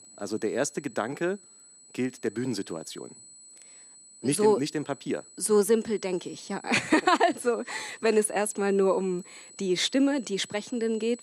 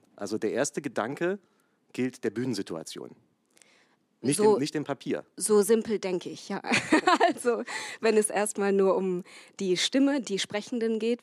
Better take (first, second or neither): second